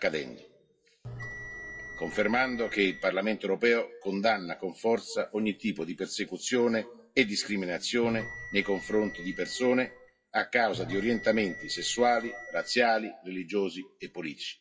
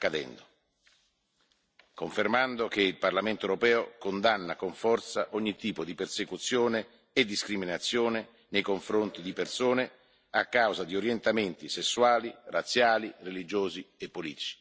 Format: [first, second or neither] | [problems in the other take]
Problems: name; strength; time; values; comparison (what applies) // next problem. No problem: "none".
second | noise reduction (classical method WPE with log-MMSE)